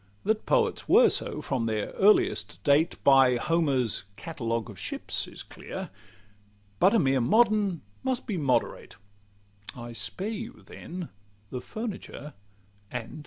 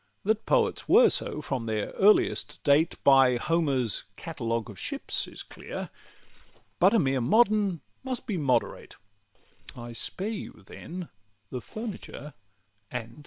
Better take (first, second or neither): first